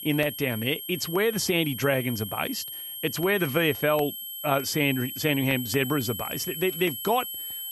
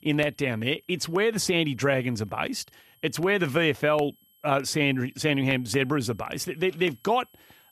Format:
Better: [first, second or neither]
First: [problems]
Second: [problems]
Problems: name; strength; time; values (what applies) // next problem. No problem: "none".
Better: second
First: high-pitched whine; loud; throughout; 11.5 kHz, 7 dB below the speech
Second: high-pitched whine; faint; throughout; 11.5 kHz, 30 dB below the speech